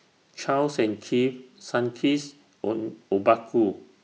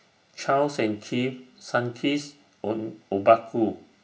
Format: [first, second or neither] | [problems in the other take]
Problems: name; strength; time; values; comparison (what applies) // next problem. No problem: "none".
first | room echo; dies away in 0.2 s